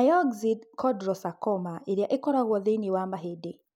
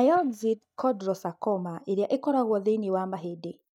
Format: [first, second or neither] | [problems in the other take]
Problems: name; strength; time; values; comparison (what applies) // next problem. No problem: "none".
first | noise reduction (neural mask model DeepFilterNet 3)